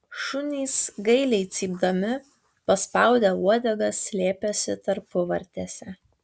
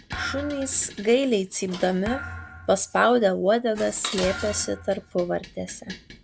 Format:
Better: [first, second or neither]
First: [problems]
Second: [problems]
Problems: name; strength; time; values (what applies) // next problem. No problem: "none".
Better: first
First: none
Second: background sound (Dishes, pots, and pans + Thump, thud); 13 dB below the speech